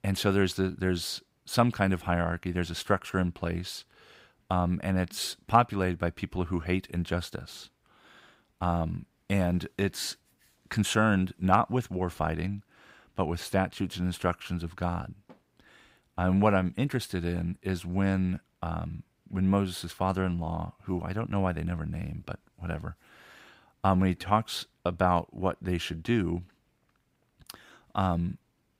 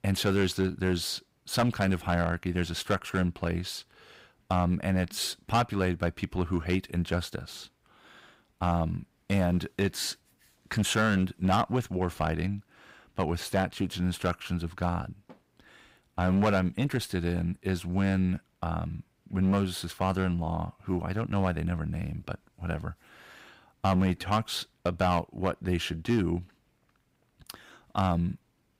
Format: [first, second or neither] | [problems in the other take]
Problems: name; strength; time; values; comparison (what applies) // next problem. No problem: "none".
first | distortion; slight; 4% of the sound clipped